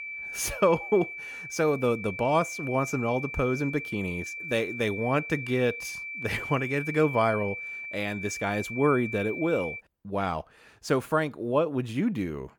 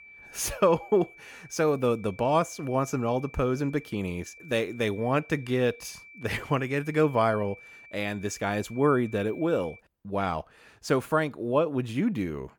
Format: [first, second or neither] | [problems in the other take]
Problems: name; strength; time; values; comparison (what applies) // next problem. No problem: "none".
second | high-pitched whine; loud; until 10 s; 2.5 kHz, 7 dB below the speech; faint in the second